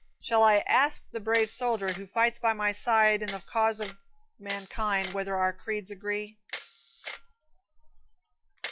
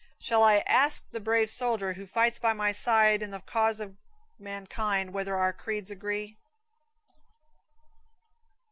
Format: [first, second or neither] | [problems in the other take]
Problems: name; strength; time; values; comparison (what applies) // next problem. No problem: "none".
second | noise reduction (classical method log-MMSE)